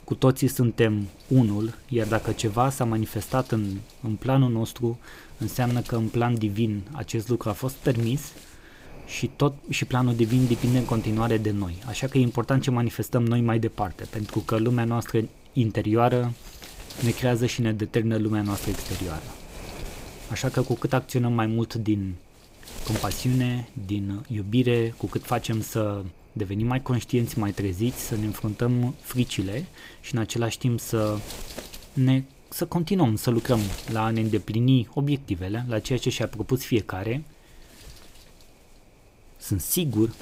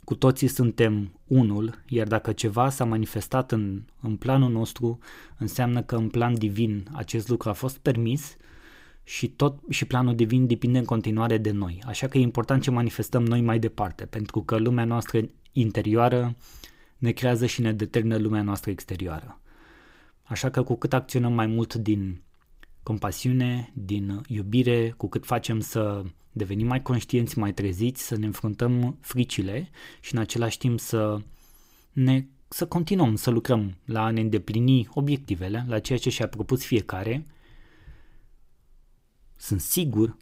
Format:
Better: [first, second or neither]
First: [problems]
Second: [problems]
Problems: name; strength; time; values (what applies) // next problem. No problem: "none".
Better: second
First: wind noise on the microphone; occasional gusts; 15 dB below the speech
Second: none